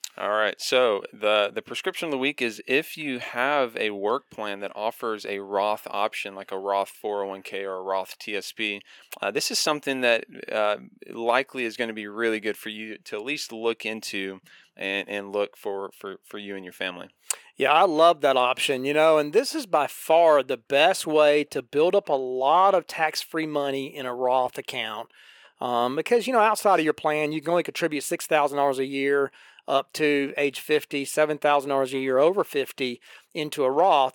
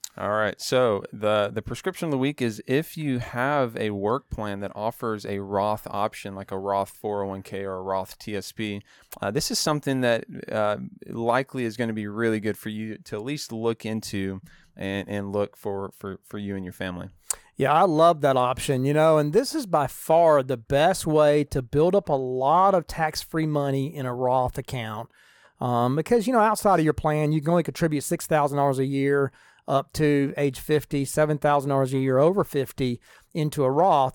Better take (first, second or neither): second